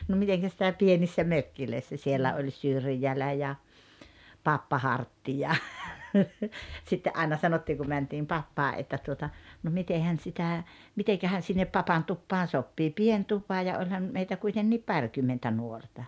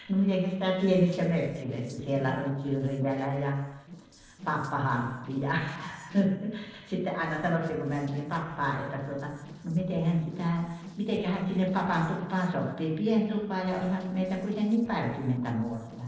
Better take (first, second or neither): first